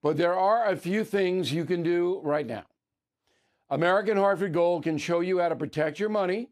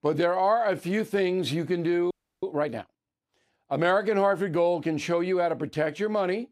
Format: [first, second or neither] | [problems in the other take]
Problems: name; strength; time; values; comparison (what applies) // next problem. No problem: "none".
first | audio freezing; at 2 s